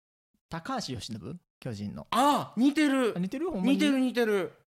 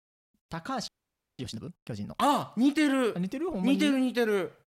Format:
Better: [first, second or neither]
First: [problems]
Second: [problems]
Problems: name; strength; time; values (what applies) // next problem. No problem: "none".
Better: first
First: none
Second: audio freezing; at 1 s for 0.5 s